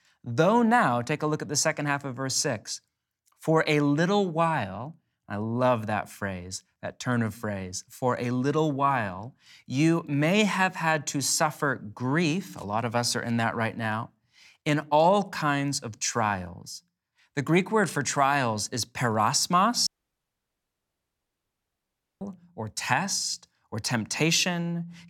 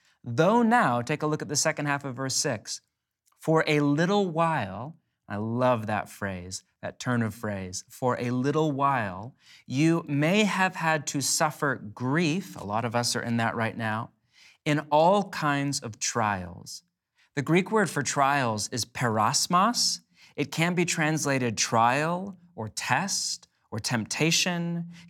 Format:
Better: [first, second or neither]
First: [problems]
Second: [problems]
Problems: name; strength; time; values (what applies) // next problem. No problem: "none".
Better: second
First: audio cutting out; at 20 s for 2.5 s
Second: none